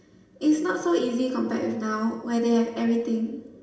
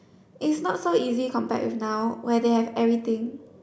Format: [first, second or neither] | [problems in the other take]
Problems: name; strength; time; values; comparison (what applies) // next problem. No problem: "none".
second | room echo; dies away in 0.9 s